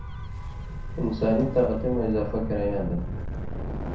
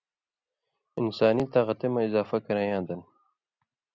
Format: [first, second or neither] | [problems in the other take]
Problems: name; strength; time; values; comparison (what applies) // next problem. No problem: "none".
second | background sound (Gull, seagull / Waves, surf / Siren); 4 dB below the speech // room echo; dies away in 0.5 s